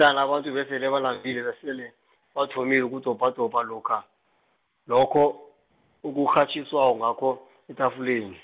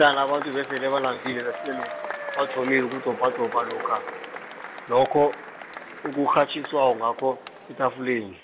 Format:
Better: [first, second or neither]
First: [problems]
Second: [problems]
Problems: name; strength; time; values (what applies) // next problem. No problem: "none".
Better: first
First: none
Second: background sound (Applause / Crowd / Cheering); 11 dB below the speech